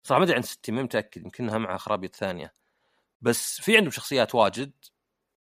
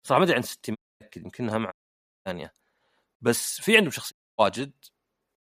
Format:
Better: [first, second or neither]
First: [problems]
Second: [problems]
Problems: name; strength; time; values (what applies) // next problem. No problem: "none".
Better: first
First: none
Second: audio cutting out; at 1 s, at 1.5 s for 0.5 s and at 4 s